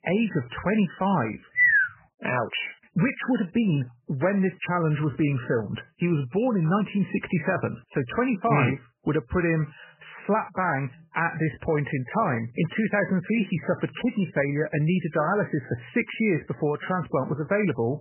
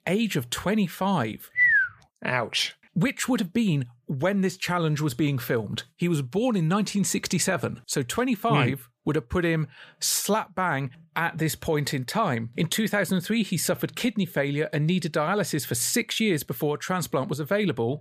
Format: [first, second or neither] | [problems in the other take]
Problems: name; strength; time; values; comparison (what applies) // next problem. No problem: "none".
second | garbled, watery; badly; nothing above 3 kHz